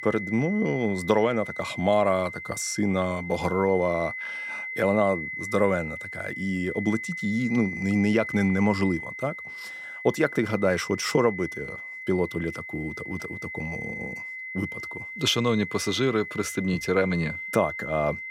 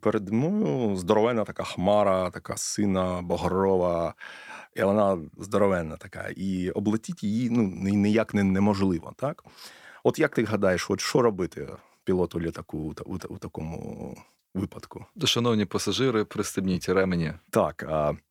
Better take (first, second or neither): second